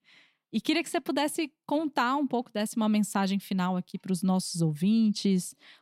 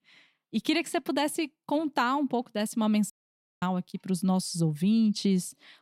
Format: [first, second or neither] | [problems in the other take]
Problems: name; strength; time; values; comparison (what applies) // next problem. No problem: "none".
first | audio cutting out; at 3 s for 0.5 s